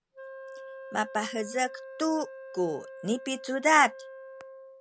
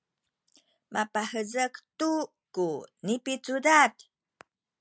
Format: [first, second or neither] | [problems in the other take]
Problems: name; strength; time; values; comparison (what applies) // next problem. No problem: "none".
second | background sound (Wind instrument, woodwind instrument); 14 dB below the speech